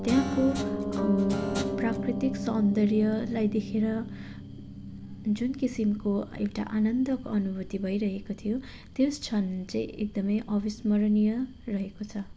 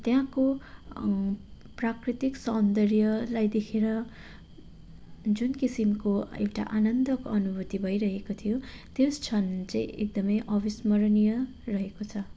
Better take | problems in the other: second | background sound (Guitar + Piano); 7 dB below the speech

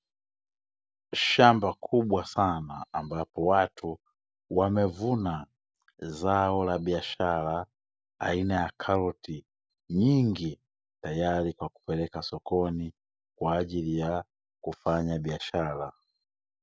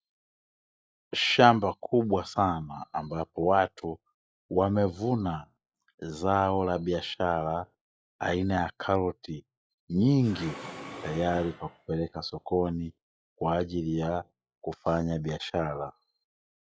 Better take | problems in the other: first | noise reduction (classical method log-MMSE)

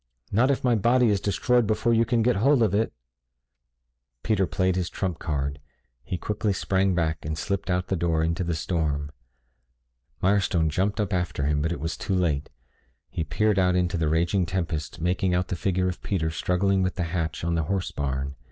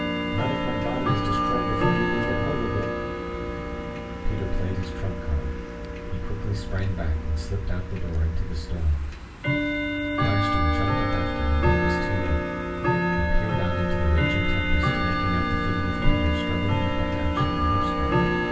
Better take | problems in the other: first | background sound (Tick-tock / Bell); as loud as the speech // room echo; dies away in 0.3 s

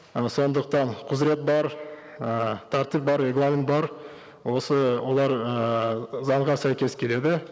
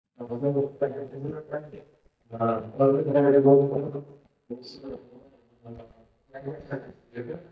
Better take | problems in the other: first | noise reduction (neural mask model DeepFilterNet 3)

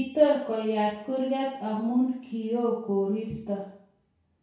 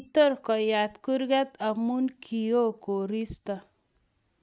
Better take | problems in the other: second | room echo; dies away in 0.6 s

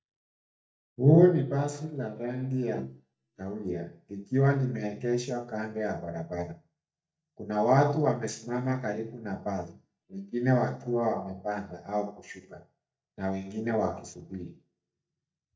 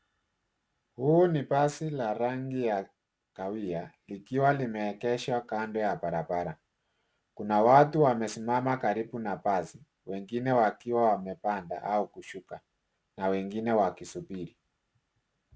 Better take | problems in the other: second | noise reduction (neural mask model DeepFilterNet 3)

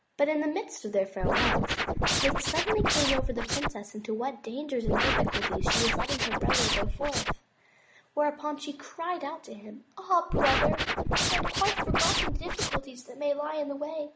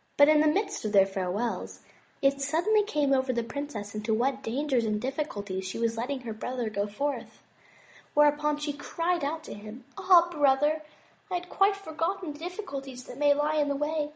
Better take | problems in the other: second | background sound (Scratching (performance technique)); 5 dB above the speech

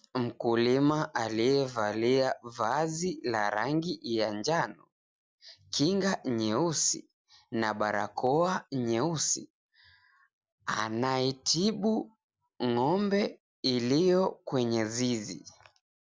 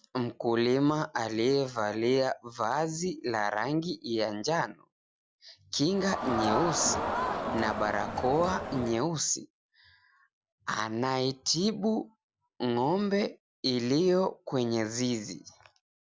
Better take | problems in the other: first | background sound (Crowd); 3 dB below the speech

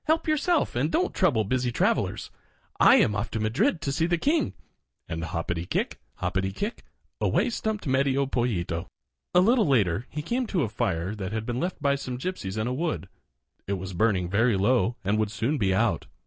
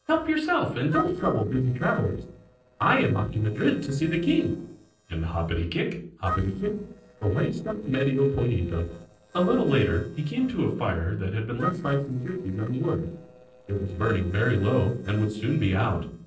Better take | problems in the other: first | noise reduction (neural separator model SepFormer DNS4)

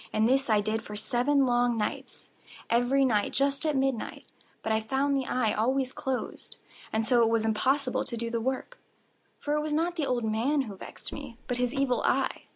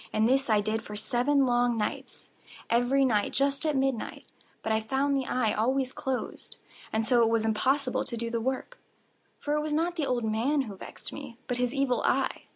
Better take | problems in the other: second | background sound (Car); 15 dB below the speech

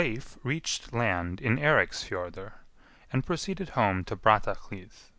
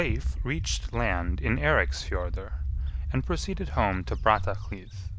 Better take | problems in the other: first | background sound (Bird); 2 dB below the speech

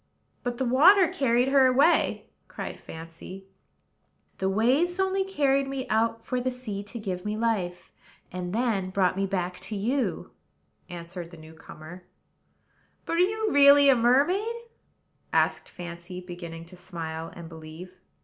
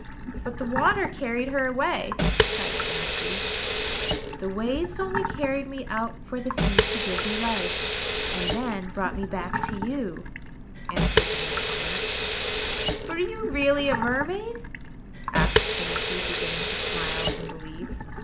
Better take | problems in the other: first | background sound (Sink (filling or washing) / Water tap, faucet); 2 dB above the speech

